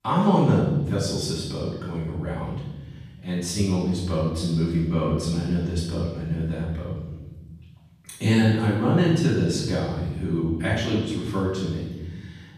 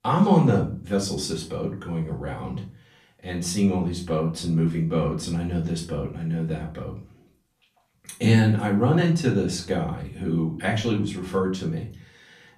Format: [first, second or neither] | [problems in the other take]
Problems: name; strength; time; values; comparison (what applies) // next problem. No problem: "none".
second | room echo; strong; dies away in 1.4 s; slight in the second // off-mic speech; far; far in the second